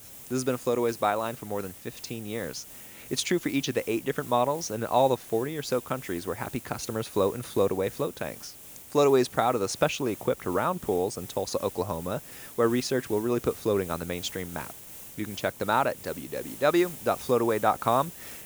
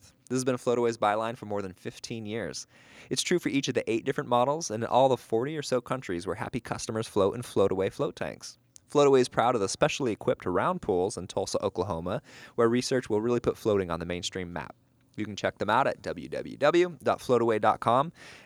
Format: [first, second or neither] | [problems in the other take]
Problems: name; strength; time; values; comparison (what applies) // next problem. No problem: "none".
second | hiss; noticeable; throughout; 15 dB below the speech